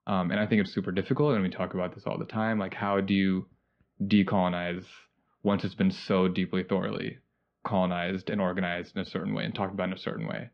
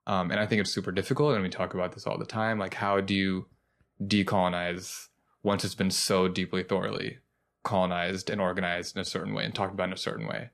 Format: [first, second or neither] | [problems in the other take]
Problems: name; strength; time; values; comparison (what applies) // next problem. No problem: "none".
second | muffled; slightly; fading above 3.5 kHz